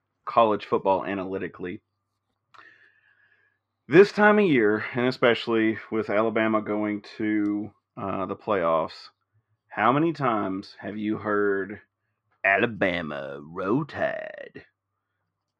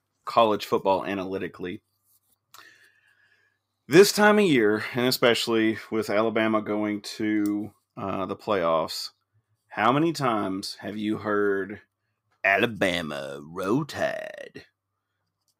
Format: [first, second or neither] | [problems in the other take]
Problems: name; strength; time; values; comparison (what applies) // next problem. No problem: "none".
second | muffled; slightly; fading above 2 kHz